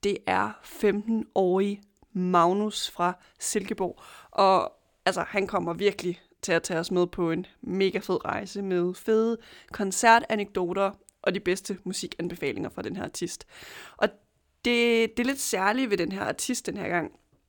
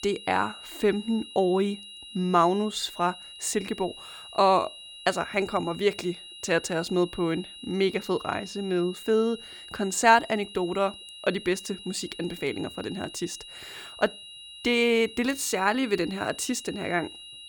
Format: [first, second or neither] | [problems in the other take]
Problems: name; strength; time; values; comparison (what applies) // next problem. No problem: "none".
first | high-pitched whine; noticeable; throughout; 3 kHz, 15 dB below the speech